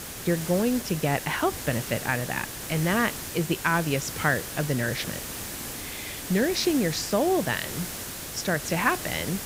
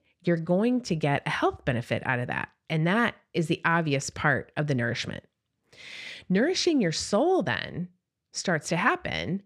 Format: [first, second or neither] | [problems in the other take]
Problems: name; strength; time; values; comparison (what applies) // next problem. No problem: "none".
second | hiss; loud; throughout; 7 dB below the speech